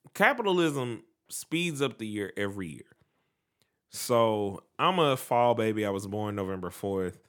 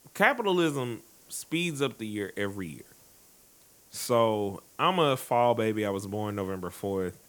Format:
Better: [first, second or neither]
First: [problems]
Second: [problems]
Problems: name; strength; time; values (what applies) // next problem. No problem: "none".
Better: first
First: none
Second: hiss; faint; throughout; 25 dB below the speech